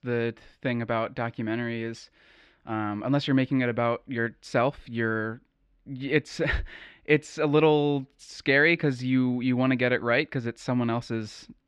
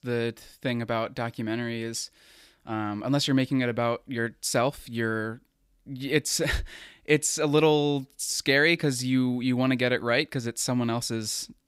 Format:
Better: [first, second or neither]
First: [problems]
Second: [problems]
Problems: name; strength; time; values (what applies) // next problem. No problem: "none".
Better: second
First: muffled; slightly; fading above 2.5 kHz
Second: none